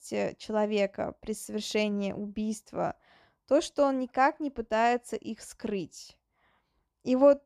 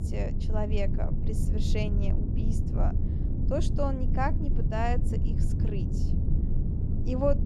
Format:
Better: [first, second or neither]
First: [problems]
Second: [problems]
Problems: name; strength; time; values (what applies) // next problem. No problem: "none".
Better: first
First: none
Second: low rumble; loud; throughout; 7 dB below the speech